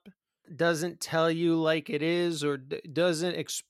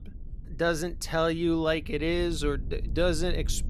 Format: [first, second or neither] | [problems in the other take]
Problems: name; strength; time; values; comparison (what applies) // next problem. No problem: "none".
first | low rumble; faint; throughout; 25 dB below the speech